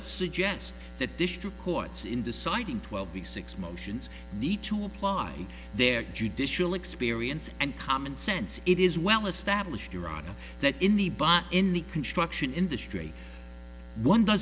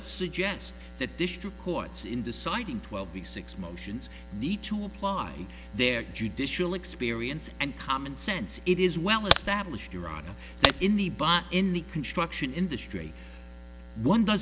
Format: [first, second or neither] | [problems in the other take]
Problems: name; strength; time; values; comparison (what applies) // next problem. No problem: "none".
first | background sound (Crack); 3 dB above the speech